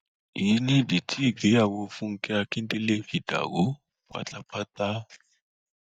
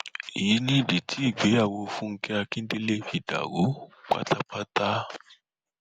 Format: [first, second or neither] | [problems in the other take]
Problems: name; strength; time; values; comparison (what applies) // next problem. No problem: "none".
second | noise reduction (neural mask model DeepFilterNet 3)